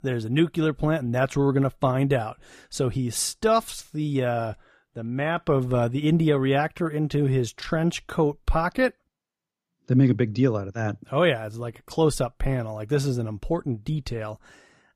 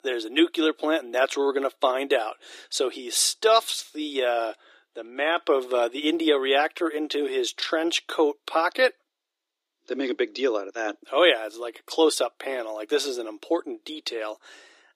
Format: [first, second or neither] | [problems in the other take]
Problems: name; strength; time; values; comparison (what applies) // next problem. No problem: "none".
first | thin; very; fading below 300 Hz